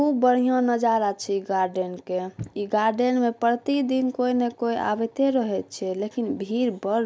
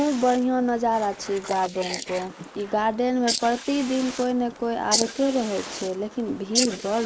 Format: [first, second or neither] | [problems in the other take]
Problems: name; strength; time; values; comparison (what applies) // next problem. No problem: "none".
first | noise reduction (neural mask model Resemble Enhance denoiser)